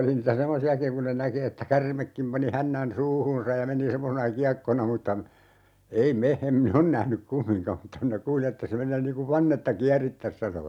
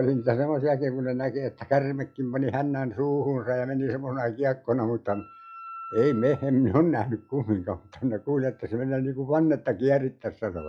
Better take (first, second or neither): first